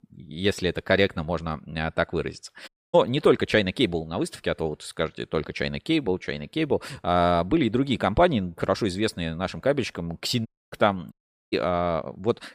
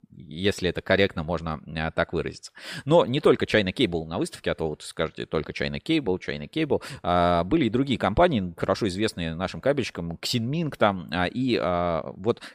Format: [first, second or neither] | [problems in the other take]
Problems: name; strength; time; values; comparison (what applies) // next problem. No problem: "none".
second | audio cutting out; at 2.5 s, at 10 s and at 11 s